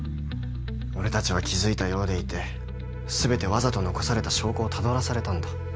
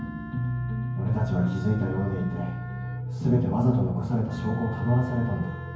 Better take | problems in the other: first | background sound (Wind instrument, woodwind instrument); 19 dB below the speech // room echo; dies away in 0.9 s

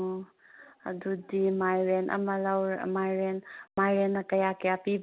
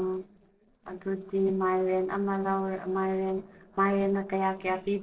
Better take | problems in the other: first | noise reduction (neural separator model SepFormer DNS4)

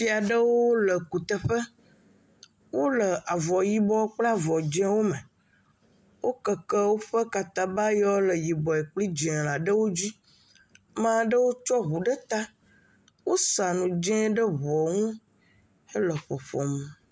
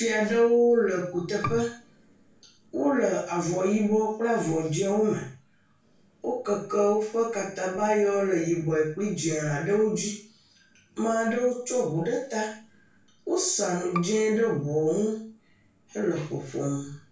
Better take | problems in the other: first | background sound (Bowed string instrument); 16 dB below the speech // room echo; dies away in 0.4 s

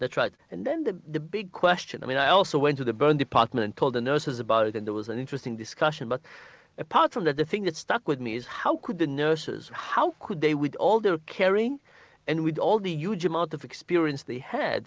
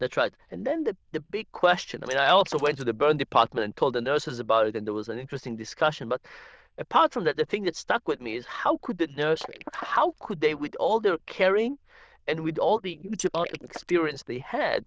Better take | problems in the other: first | noise reduction (neural diffusion model UNIVERSE++)

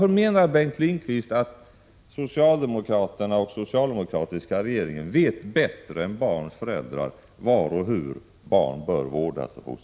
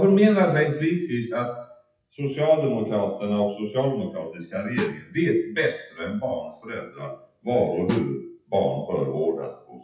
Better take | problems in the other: first | noise reduction (classical method WPE with log-MMSE)

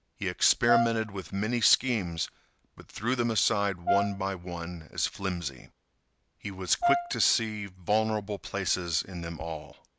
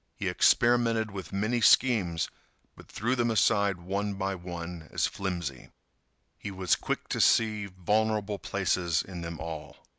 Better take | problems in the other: second | background sound (Brass instrument); 3 dB below the speech

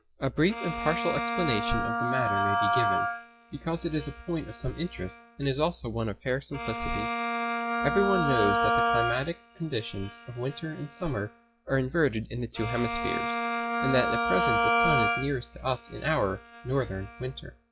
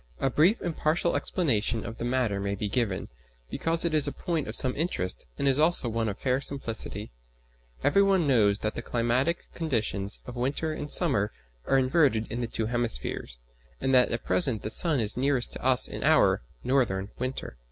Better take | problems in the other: second | noise reduction (classical method log-MMSE)

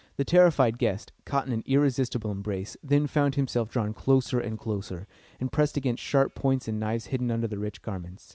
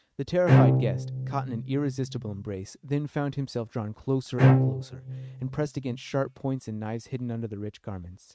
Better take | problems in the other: first | noise reduction (neural mask model RNNoise)

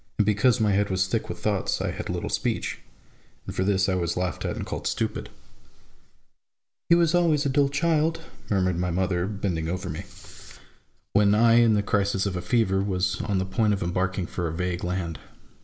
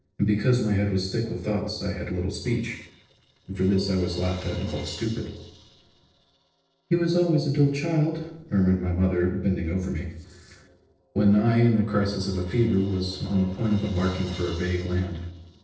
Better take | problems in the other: first | noise reduction (neural separator model SepFormer DNS4)

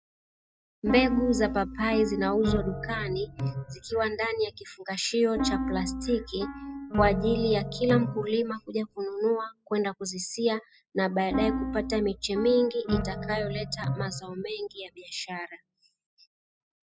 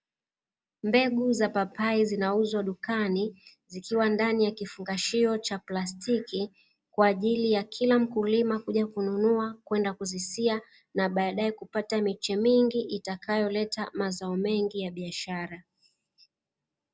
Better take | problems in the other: second | noise reduction (classical method spectral subtraction)

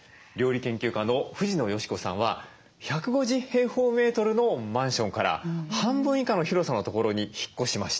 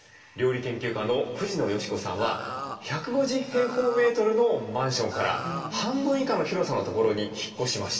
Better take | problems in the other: first | background sound (Burping, eructation); 9 dB below the speech // room echo; dies away in 2.4 s

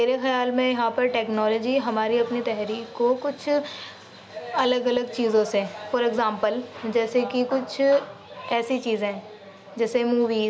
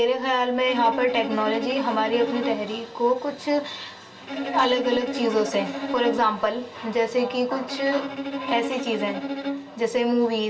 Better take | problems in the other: first | background sound (Bowed string instrument); 8 dB below the speech // room echo; dies away in 0.2 s

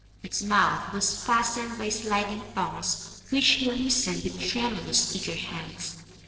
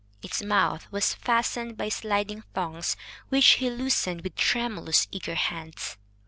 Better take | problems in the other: second | noise reduction (neural separator model SepFormer DNS4)

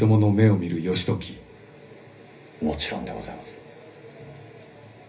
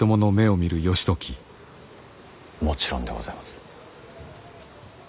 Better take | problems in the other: second | room echo; dies away in 0.3 s

